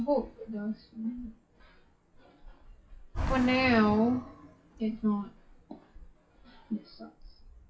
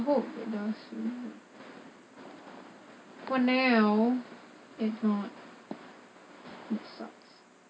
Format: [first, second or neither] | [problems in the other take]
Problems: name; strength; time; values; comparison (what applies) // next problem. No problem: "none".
second | noise reduction (classical method log-MMSE)